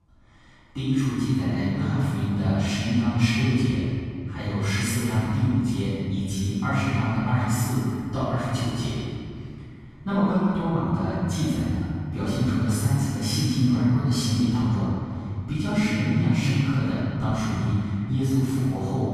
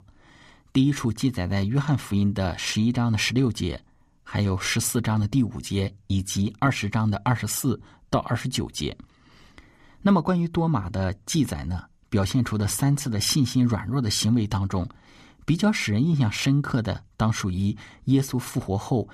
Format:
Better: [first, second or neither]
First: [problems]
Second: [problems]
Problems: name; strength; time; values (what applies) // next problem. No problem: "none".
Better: second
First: off-mic speech; far // room echo; strong; dies away in 2.4 s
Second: none